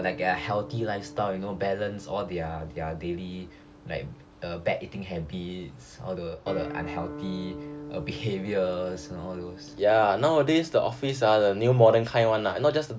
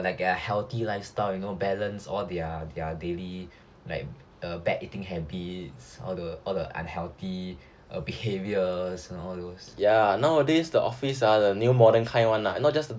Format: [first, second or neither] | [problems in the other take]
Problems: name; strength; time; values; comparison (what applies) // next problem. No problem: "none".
second | background sound (Guitar); 17 dB below the speech